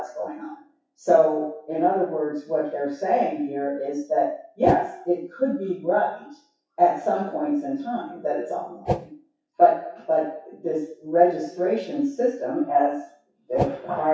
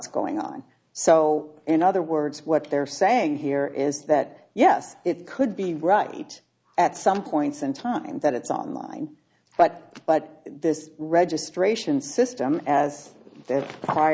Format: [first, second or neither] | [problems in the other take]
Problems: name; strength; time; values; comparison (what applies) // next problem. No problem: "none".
second | noise reduction (classical method WPE with log-MMSE)